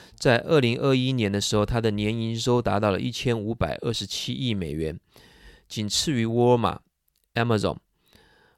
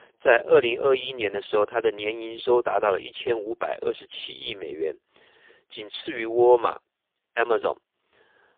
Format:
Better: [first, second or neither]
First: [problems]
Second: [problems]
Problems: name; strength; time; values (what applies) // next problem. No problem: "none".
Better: first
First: none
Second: phone-call audio; poor line